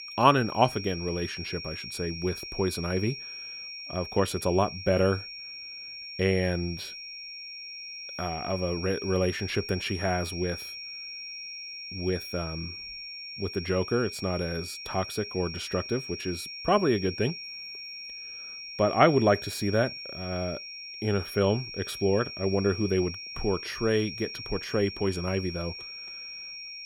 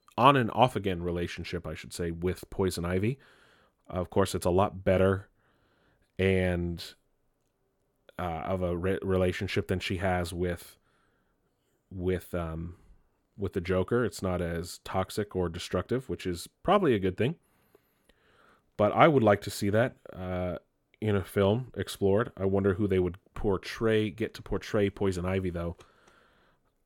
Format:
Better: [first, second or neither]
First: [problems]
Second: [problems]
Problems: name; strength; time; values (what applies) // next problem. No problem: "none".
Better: second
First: high-pitched whine; loud; throughout; 5.5 kHz, 9 dB below the speech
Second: none